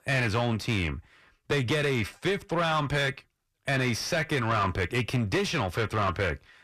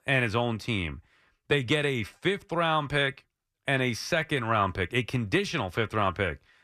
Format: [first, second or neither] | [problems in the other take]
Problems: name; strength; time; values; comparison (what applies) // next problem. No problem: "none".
second | distortion; heavy; 7 dB below the speech